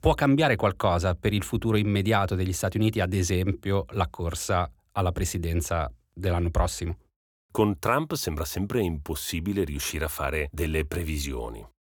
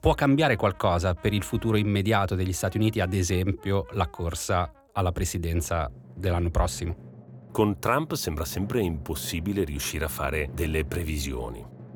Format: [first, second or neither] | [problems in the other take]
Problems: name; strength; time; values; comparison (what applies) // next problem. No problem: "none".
first | background music; noticeable; throughout; 20 dB below the speech